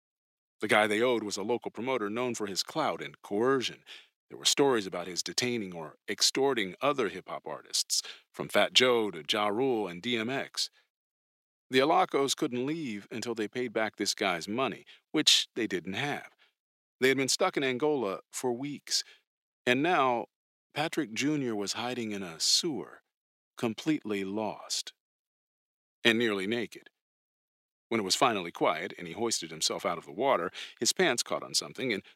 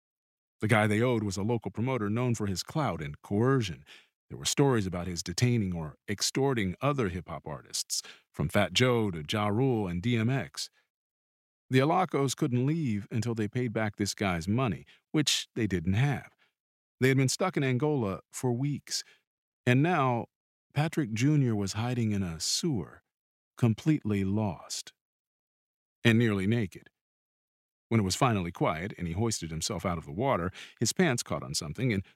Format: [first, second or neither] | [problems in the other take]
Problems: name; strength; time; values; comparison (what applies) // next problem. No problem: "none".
second | thin; somewhat; fading below 400 Hz